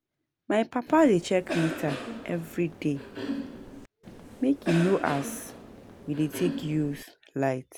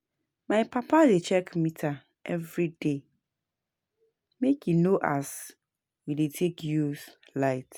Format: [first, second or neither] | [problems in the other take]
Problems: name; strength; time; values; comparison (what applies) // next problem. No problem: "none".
second | background sound (Cough); 8 dB below the speech